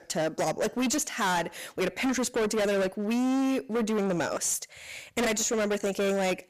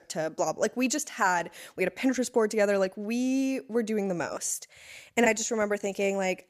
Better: second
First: distortion; heavy; 26% of the sound clipped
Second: none

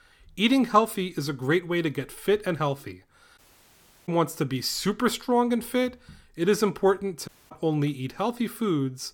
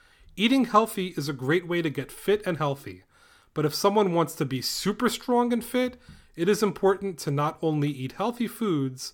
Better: second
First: audio cutting out; at 3.5 s for 0.5 s and at 7.5 s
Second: none

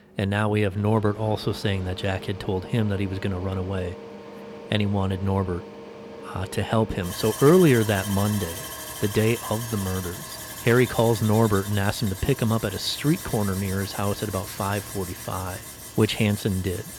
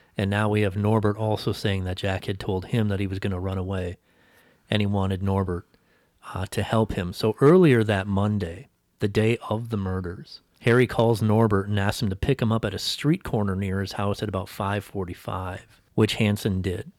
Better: second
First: machinery noise; noticeable; throughout; 10 dB below the speech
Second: none

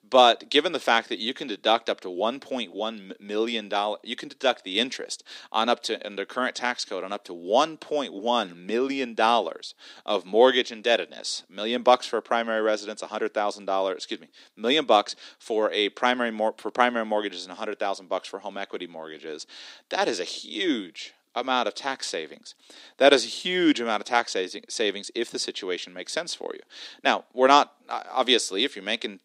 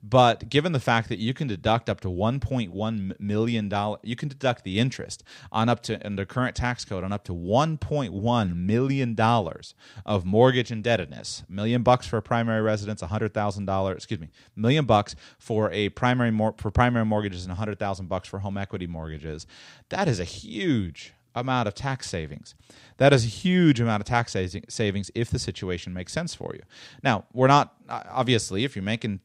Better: second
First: thin; somewhat; fading below 300 Hz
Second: none

